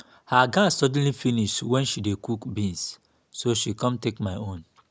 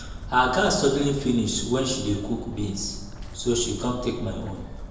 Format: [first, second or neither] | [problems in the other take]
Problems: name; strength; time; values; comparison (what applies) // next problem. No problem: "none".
first | background sound (Walk, footsteps); 11 dB below the speech // room echo; dies away in 0.9 s